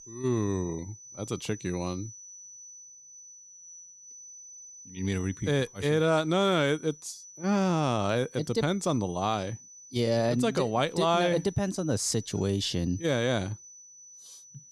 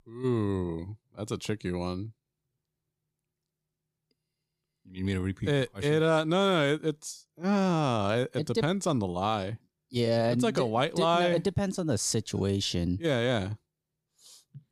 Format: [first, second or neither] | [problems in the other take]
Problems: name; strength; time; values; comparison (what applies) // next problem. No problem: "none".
second | high-pitched whine; noticeable; throughout; 6 kHz, 20 dB below the speech